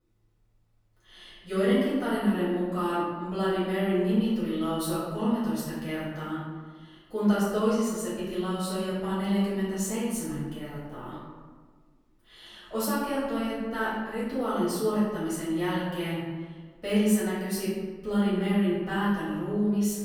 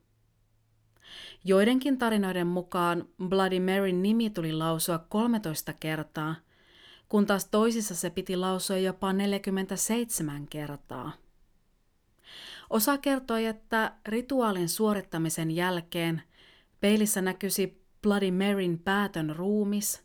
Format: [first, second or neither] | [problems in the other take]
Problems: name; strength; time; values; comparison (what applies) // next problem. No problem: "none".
second | off-mic speech; far // room echo; strong; dies away in 1.3 s